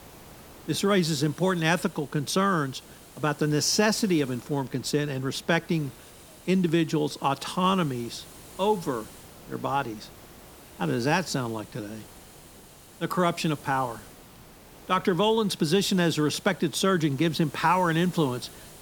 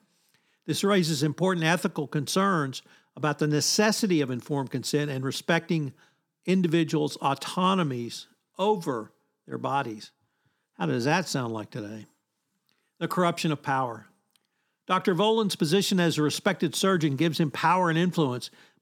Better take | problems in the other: second | hiss; faint; throughout; 20 dB below the speech

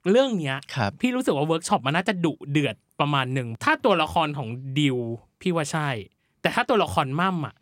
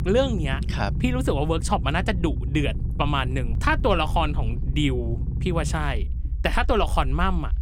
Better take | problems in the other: first | low rumble; noticeable; throughout; 15 dB below the speech

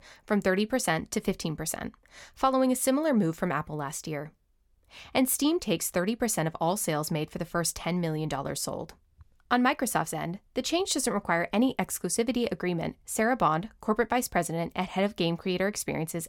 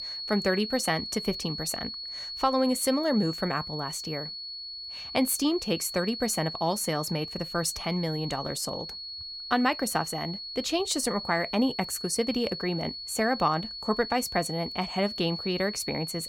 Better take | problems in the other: first | high-pitched whine; loud; throughout; 4.5 kHz, 7 dB below the speech

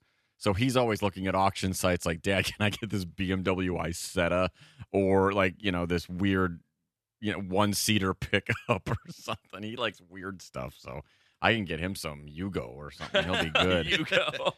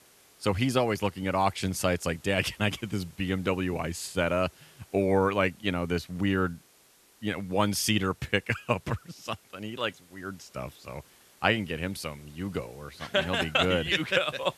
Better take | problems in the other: first | hiss; faint; throughout; 25 dB below the speech

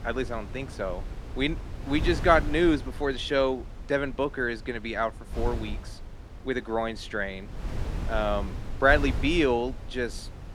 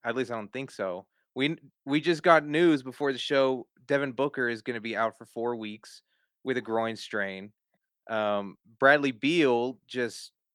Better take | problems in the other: second | wind noise on the microphone; occasional gusts; 20 dB below the speech

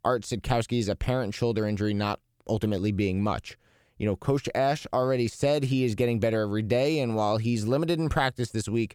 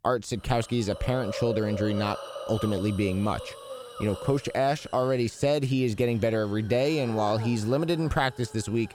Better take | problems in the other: first | hiss; noticeable; throughout; 15 dB below the speech

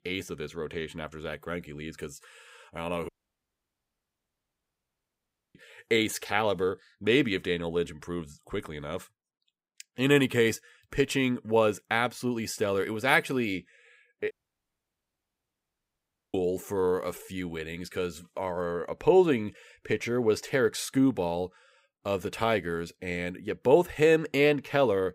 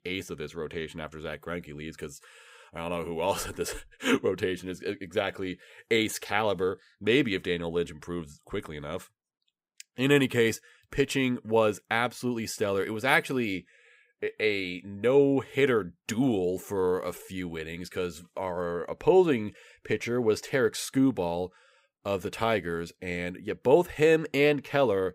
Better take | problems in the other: second | audio cutting out; at 3 s for 2.5 s and at 14 s for 2 s

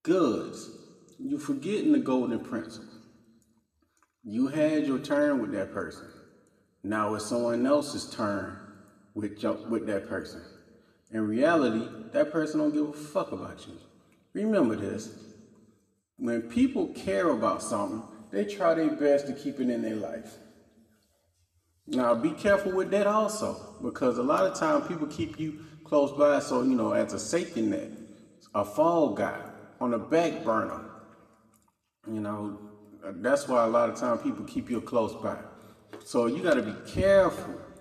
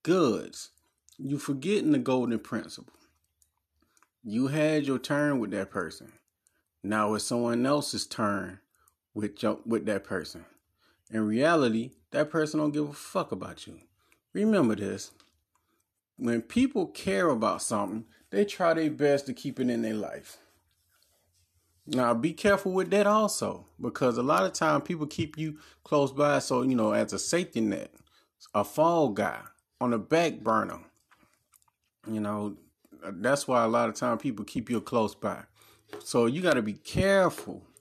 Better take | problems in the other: second | room echo; slight; dies away in 1.4 s

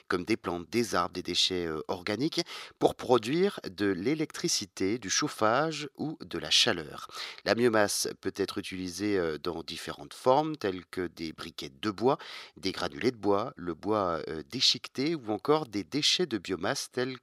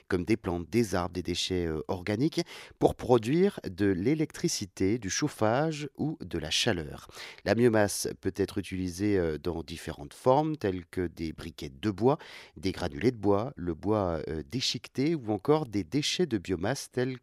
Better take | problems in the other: second | thin; very slightly; fading below 300 Hz

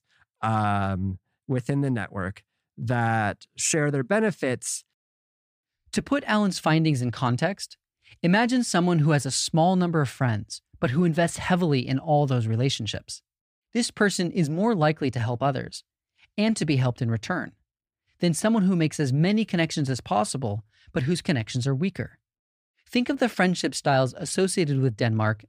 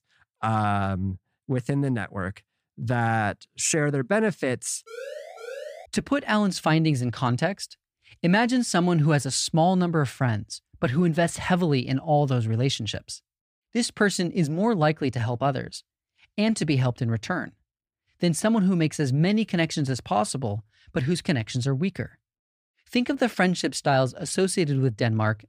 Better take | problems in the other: first | siren; faint; at 5 s; peak 15 dB below the speech

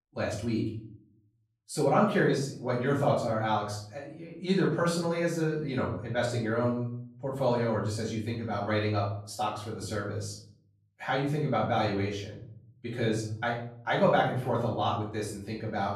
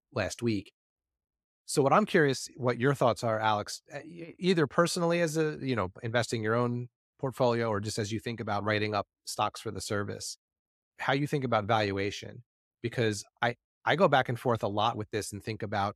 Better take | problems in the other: second | off-mic speech; far // room echo; noticeable; dies away in 0.7 s

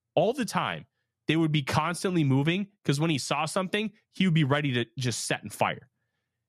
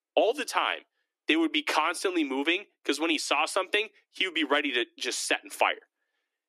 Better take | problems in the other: first | thin; somewhat; fading below 300 Hz

